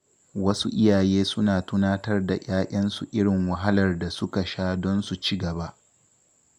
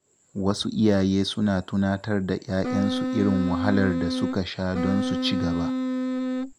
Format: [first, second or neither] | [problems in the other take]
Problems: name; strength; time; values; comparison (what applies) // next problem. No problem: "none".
first | background sound (Wind instrument, woodwind instrument); 1 dB below the speech